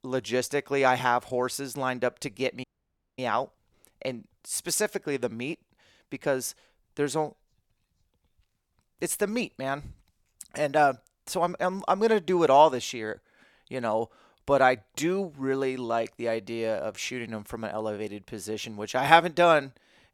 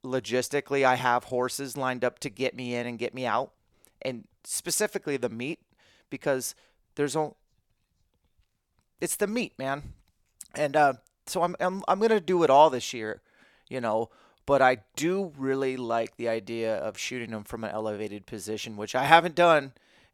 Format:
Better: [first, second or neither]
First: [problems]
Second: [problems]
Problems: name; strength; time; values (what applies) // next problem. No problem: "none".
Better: second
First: audio cutting out; at 2.5 s for 0.5 s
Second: none